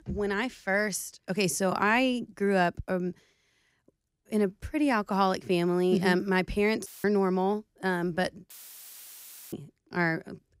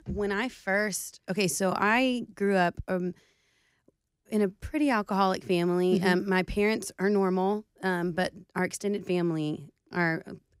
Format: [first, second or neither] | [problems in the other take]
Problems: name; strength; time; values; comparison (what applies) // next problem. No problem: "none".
second | audio cutting out; filled with static; at 7 s and at 8.5 s for 1 s